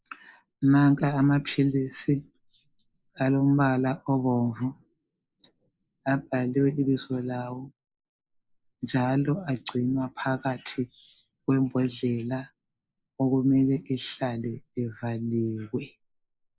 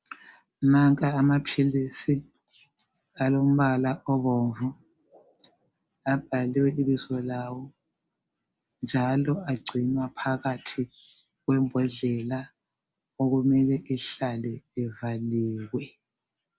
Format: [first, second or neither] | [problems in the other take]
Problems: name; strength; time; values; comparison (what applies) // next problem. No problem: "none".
second | noise reduction (neural mask model Resemble Enhance denoiser)